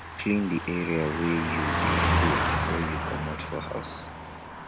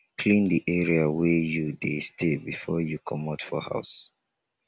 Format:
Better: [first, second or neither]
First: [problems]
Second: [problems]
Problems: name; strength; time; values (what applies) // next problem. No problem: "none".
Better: second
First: background sound (Car passing by); 2 dB above the speech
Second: none